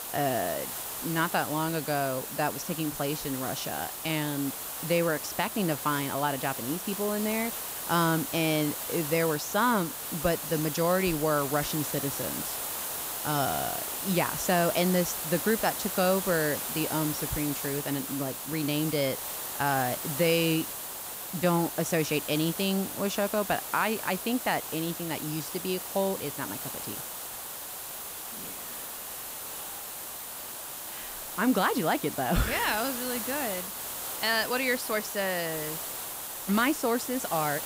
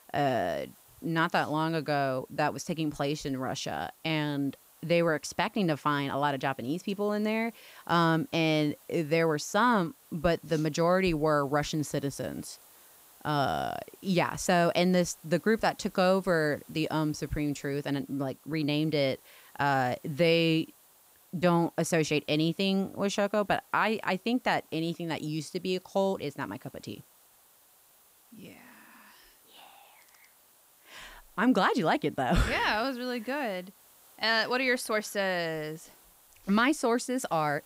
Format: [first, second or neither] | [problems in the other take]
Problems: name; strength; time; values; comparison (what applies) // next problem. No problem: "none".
second | hiss; loud; throughout; 4 dB below the speech; faint in the second